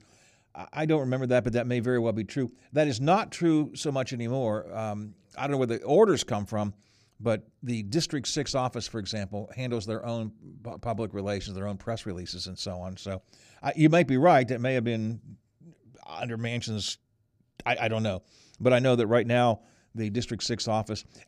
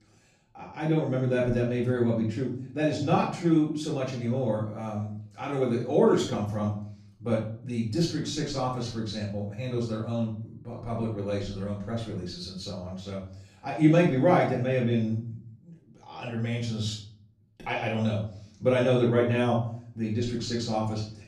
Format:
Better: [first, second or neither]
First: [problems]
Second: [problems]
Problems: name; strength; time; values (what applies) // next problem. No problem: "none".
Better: first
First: none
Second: off-mic speech; far // room echo; noticeable; dies away in 0.5 s